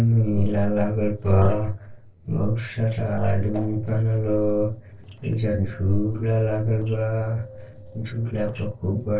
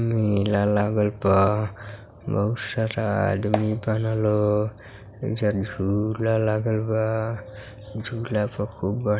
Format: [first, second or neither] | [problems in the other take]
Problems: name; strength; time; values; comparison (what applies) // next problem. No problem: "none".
second | noise reduction (neural separator model SepFormer DNS4)